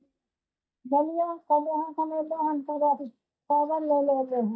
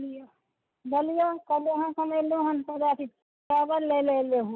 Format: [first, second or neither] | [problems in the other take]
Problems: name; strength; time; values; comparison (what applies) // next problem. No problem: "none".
second | noise reduction (neural mask model DeepFilterNet 3)